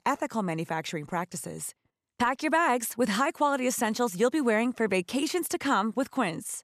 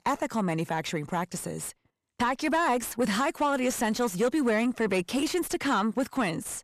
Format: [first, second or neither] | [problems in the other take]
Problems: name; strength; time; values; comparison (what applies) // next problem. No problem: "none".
first | distortion; slight; 10 dB below the speech